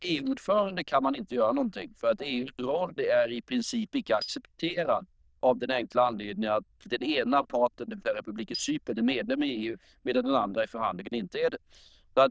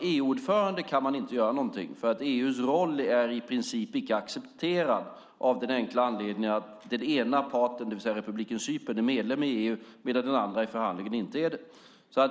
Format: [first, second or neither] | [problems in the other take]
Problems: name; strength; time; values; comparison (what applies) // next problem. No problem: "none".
second | noise reduction (neural diffusion model UNIVERSE++)